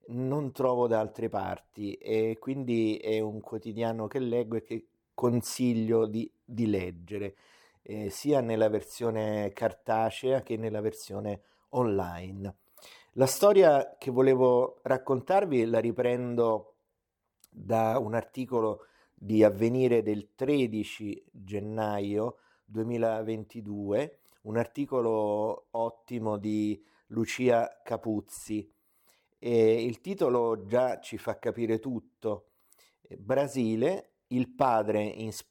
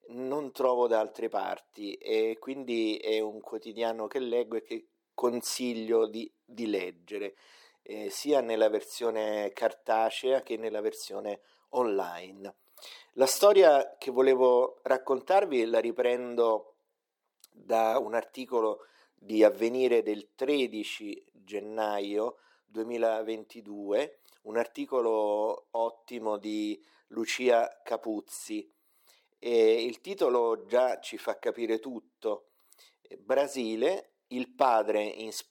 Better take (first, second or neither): first